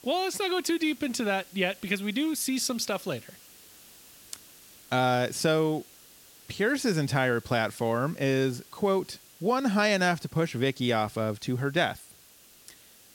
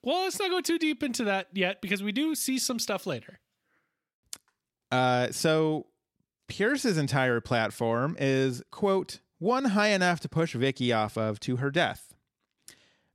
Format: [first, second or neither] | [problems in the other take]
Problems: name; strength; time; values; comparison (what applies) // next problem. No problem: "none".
second | hiss; faint; throughout; 25 dB below the speech